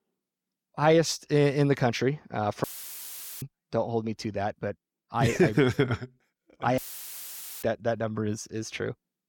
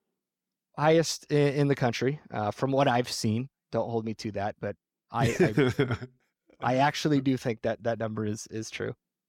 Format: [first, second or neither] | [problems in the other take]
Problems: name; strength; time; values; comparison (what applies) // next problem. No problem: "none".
second | audio cutting out; filled with static; at 2.5 s for 1 s and at 7 s for 1 s